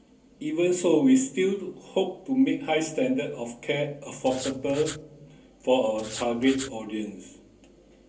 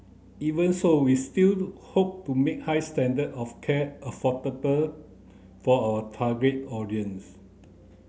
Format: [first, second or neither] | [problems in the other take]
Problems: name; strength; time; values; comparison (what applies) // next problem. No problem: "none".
second | background sound (Writing); 13 dB below the speech // room echo; dies away in 0.3 s